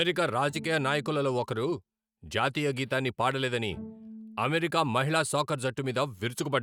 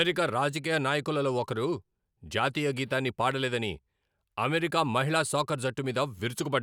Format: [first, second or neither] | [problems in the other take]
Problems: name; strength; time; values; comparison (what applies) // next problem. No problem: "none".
second | noise reduction (neural mask model RNNoise)